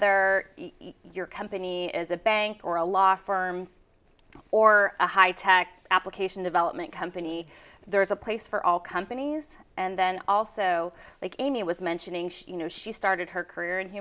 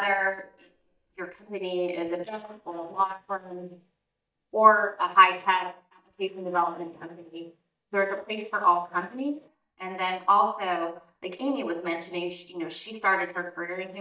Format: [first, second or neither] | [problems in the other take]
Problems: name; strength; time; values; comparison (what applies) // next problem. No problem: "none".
first | noise reduction (neural mask model DeepFilterNet 3)